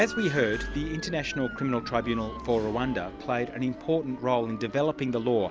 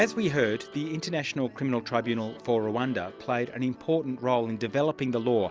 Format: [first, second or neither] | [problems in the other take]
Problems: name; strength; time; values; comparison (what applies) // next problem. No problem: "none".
second | background sound (Engine / Mechanisms + Motor vehicle (road) / Siren); 11 dB below the speech